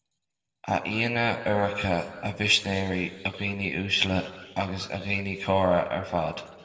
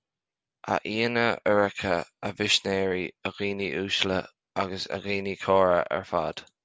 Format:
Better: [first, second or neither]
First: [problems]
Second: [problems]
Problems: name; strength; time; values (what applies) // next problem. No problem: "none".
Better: second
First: room echo; dies away in 1.6 s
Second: none